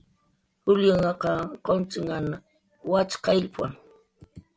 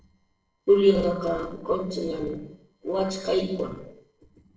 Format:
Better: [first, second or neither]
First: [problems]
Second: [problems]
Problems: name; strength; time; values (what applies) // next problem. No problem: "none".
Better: first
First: none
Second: noise reduction (neural separator model SepFormer DNS4)